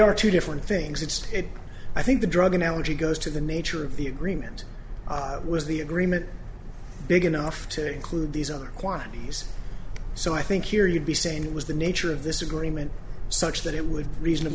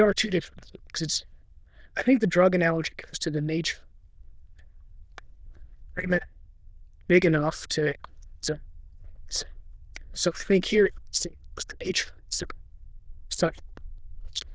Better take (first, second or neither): first